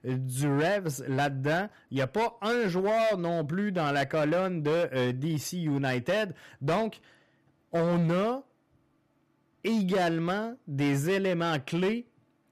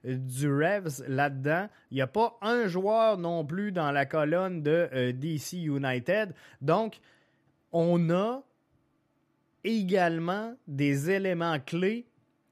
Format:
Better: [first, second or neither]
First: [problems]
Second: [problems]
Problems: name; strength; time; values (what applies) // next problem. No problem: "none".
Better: second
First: distortion; slight; 12% of the sound clipped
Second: none